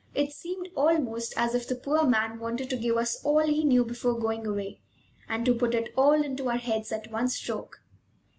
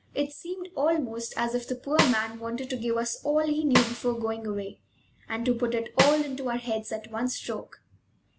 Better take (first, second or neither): first